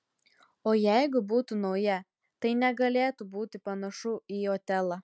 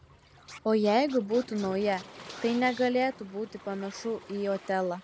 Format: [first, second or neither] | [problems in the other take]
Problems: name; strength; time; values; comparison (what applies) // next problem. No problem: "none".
first | background sound (Scratching (performance technique) + Waves, surf); 18 dB below the speech